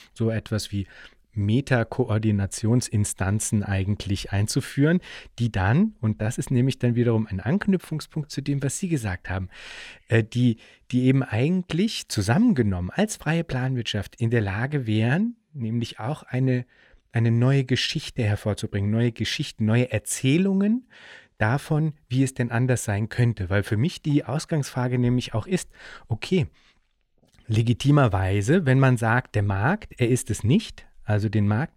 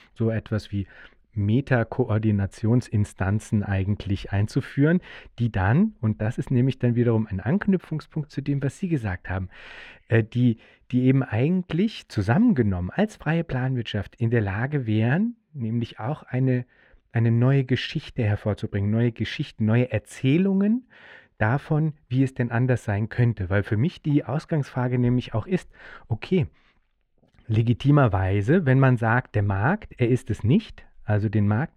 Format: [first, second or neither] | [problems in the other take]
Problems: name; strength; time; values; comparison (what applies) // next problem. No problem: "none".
first | muffled; slightly; fading above 4 kHz